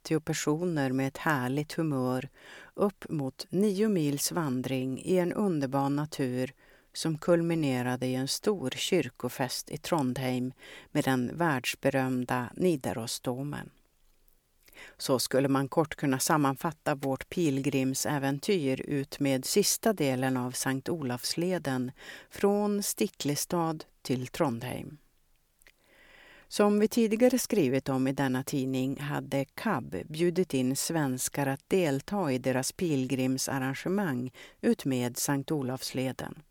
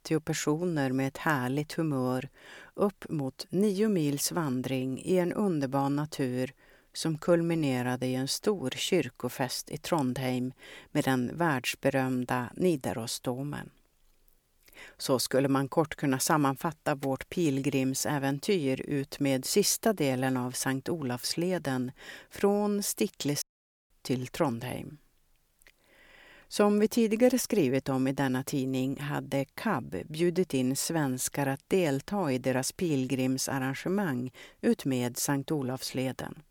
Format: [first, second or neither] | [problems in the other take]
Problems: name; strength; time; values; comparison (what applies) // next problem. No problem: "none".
first | audio cutting out; at 23 s